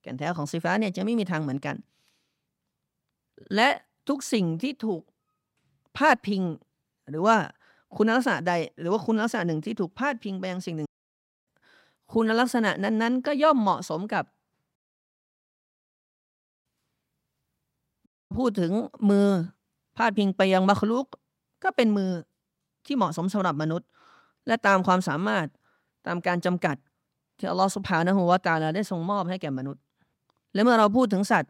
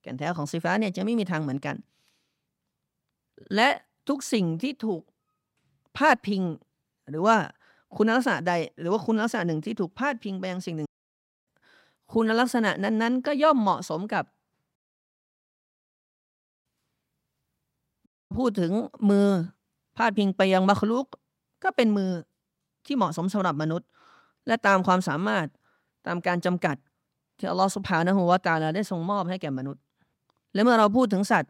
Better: neither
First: audio cutting out; at 11 s for 0.5 s, at 15 s for 2 s and at 18 s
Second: audio cutting out; at 11 s for 0.5 s, at 15 s for 2 s and at 18 s

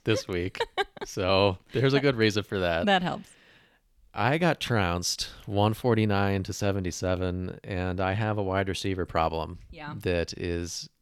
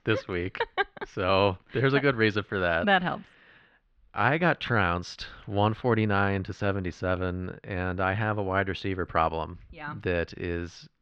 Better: first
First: none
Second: muffled; slightly; fading above 3.5 kHz

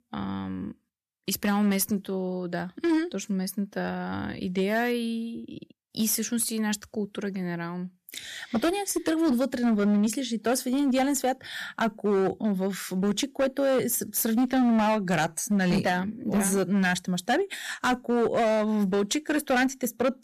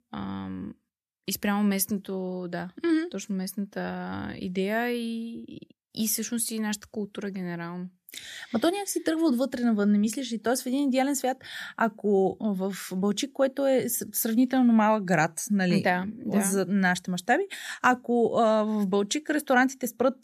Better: second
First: distortion; slight; 9% of the sound clipped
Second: none

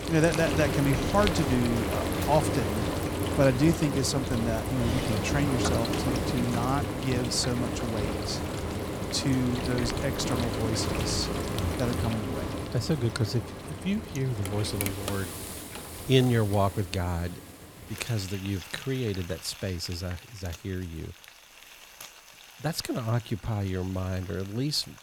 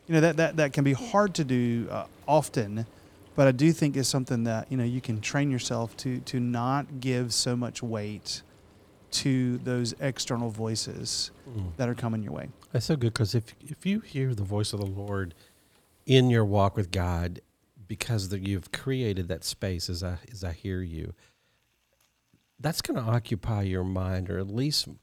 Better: second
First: household noises; loud; throughout; 2 dB below the speech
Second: household noises; faint; throughout; 25 dB below the speech

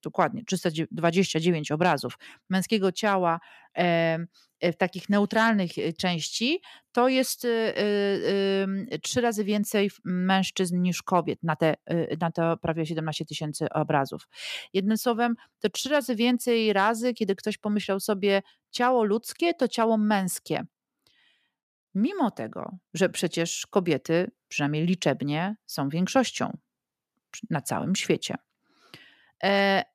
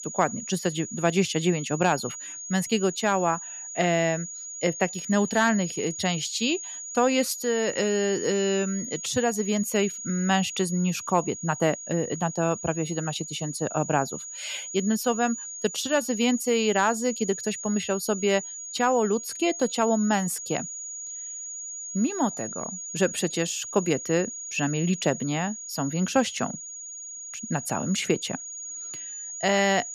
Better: first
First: none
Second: high-pitched whine; loud; throughout; 7 kHz, 8 dB below the speech

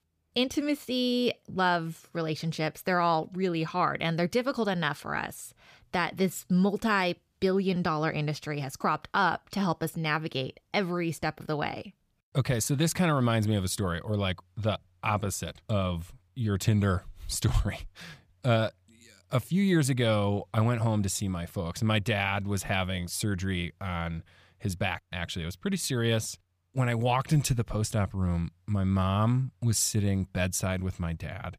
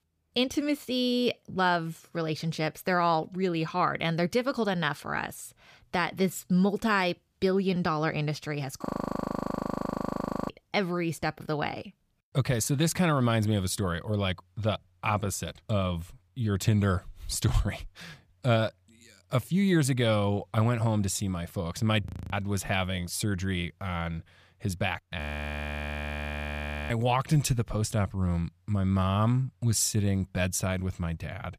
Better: first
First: none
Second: audio freezing; at 9 s for 1.5 s, at 22 s and at 25 s for 1.5 s

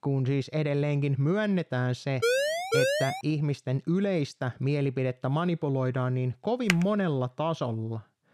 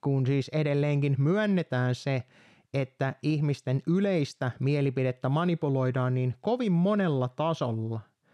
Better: second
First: siren; loud; at 2 s; peak 3 dB above the speech // keyboard typing; very faint; at 6.5 s; peak 2 dB below the speech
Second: none

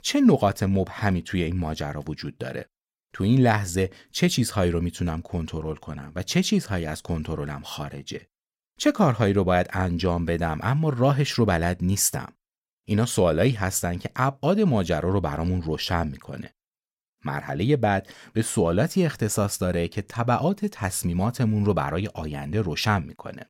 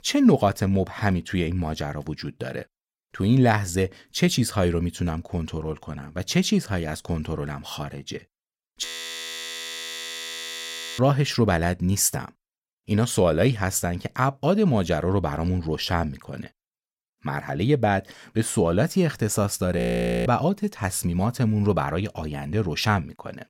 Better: first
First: none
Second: audio freezing; at 9 s for 2 s and at 20 s

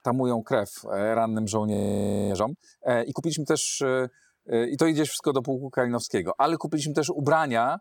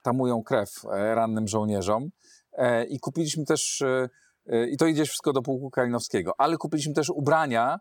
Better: second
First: audio freezing; at 2 s for 0.5 s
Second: none

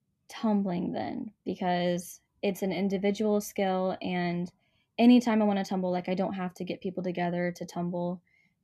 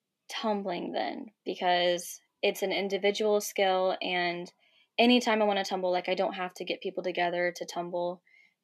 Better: first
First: none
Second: thin; somewhat; fading below 400 Hz

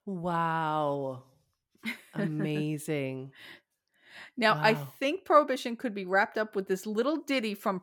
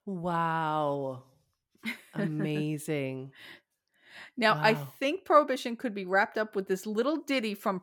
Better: neither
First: none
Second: none

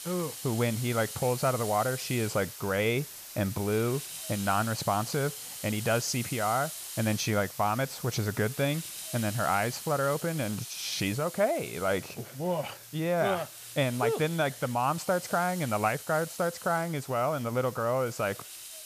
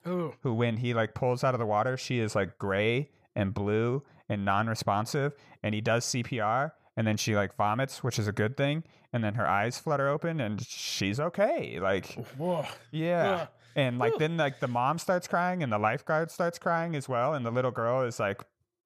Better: second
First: hiss; loud; throughout; 10 dB below the speech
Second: none

